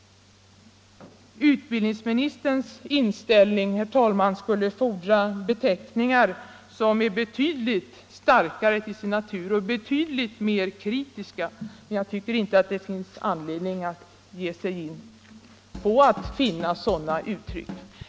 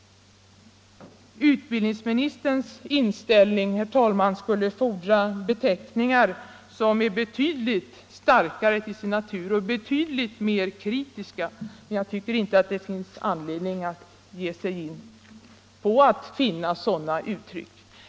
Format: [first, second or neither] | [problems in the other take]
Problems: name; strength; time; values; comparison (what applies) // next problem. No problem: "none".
second | background sound (Drum kit); 14 dB below the speech